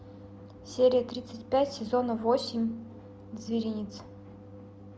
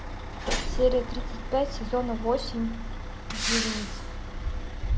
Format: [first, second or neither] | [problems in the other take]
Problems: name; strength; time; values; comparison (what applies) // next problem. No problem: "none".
first | background sound (Truck); as loud as the speech